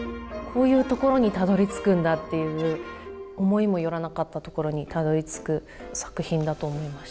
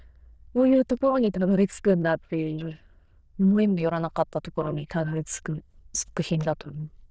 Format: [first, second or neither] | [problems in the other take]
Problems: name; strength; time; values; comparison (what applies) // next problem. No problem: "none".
first | noise reduction (neural diffusion model UNIVERSE++)